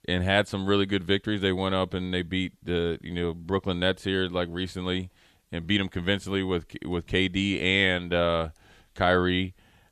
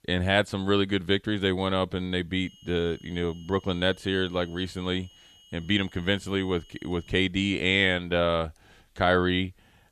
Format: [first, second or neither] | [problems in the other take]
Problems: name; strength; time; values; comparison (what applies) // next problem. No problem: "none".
first | high-pitched whine; faint; from 2.5 to 7 s; 3 kHz, 25 dB below the speech